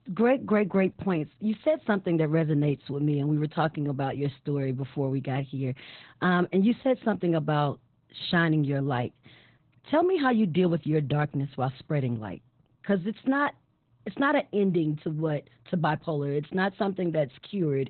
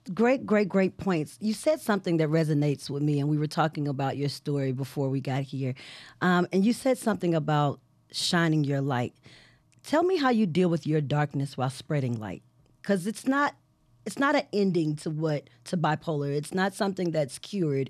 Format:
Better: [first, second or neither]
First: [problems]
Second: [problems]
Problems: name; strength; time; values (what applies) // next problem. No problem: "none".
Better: second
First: garbled, watery; badly; nothing above 4 kHz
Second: none